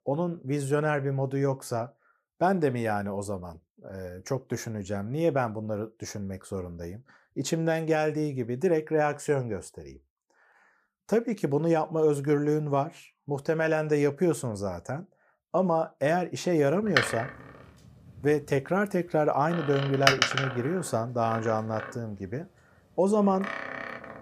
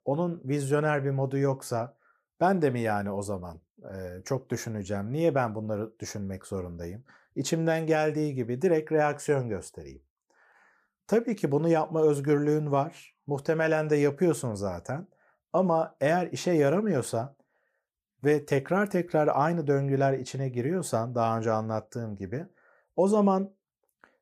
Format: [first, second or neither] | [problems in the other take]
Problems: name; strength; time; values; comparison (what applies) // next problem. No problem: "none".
second | door banging; loud; from 17 to 24 s; peak 6 dB above the speech